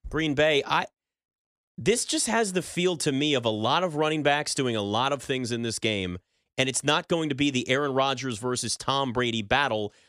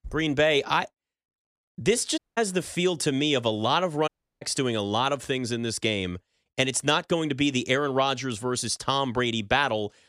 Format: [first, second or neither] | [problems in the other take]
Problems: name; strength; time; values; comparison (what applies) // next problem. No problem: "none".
first | audio cutting out; at 2 s and at 4 s